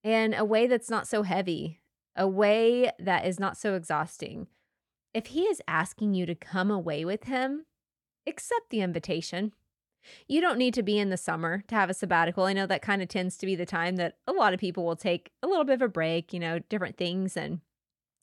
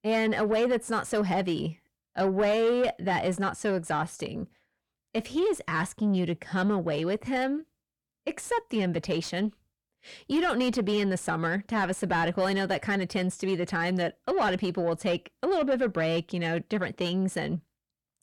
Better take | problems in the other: first | distortion; slight; 10 dB below the speech

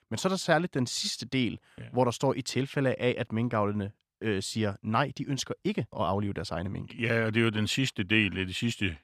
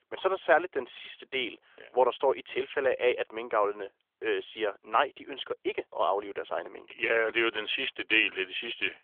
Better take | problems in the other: first | phone-call audio; nothing above 3.5 kHz

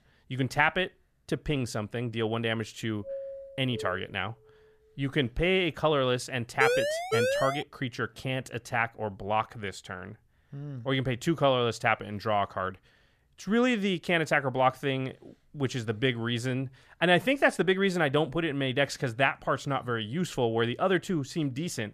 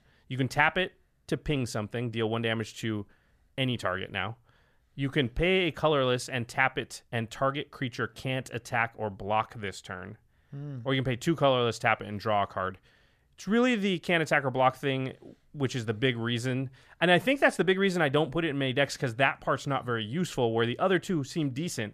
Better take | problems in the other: second | doorbell; noticeable; from 3 to 4 s; peak 10 dB below the speech // siren; loud; from 6.5 to 7.5 s; peak 2 dB above the speech

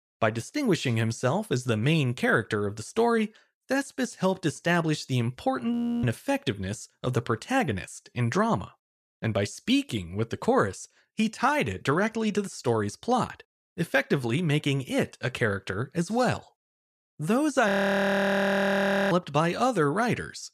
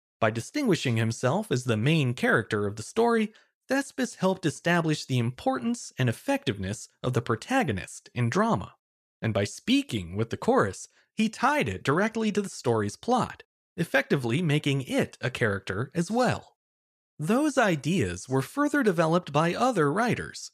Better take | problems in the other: second | audio freezing; at 5.5 s and at 18 s for 1.5 s

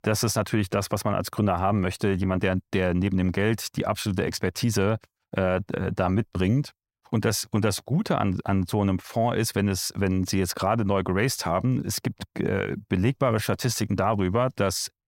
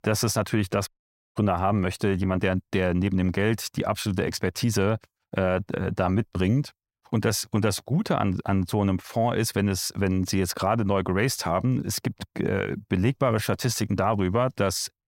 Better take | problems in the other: first | audio cutting out; at 1 s

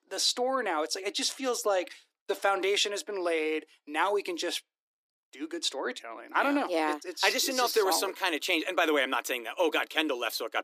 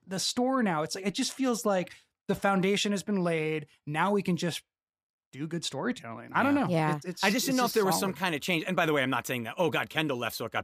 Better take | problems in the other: second | thin; somewhat; fading below 300 Hz

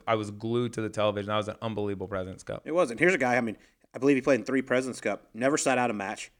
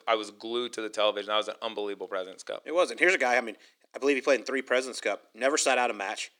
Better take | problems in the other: first | thin; somewhat; fading below 350 Hz

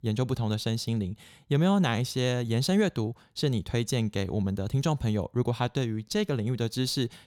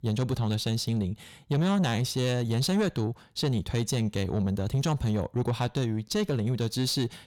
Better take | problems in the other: first | distortion; slight; 10 dB below the speech

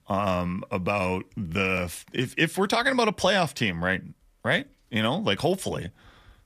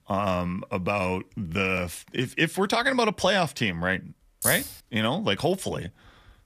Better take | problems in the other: first | jangling keys; loud; at 4.5 s; peak level with the speech

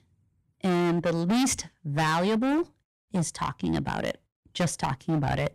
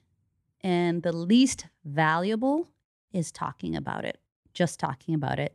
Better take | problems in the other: second | distortion; heavy; 16% of the sound clipped

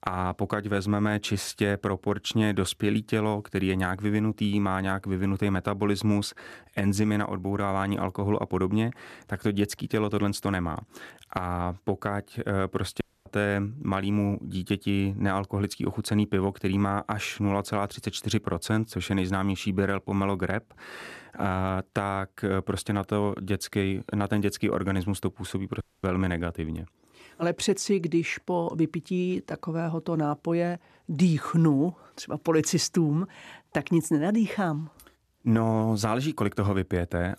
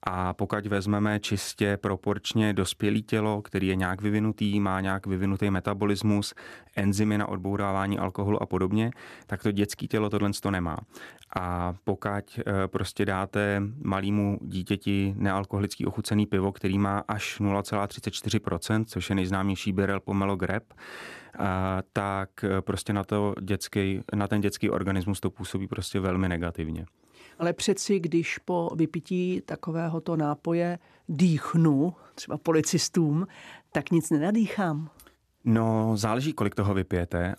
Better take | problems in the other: second | audio cutting out; at 13 s and at 26 s

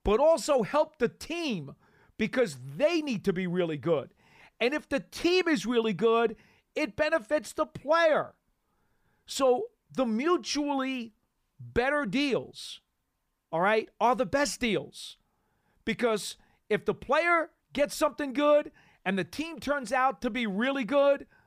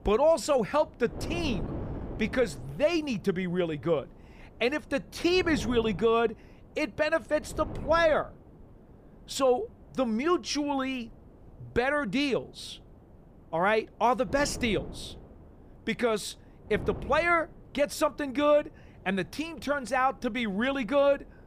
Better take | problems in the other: first | wind noise on the microphone; occasional gusts; 20 dB below the speech

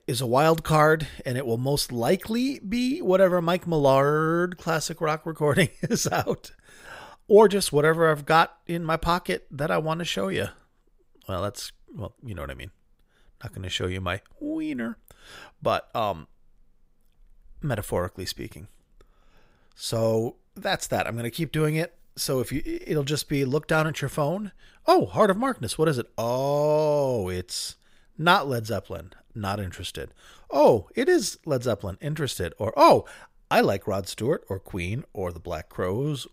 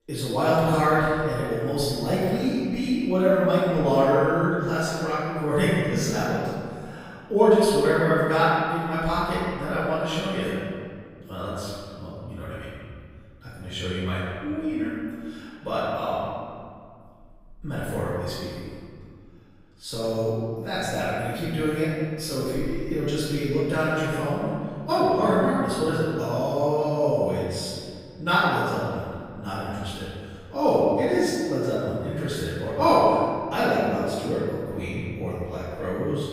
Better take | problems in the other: first | room echo; strong; dies away in 1.9 s // off-mic speech; far

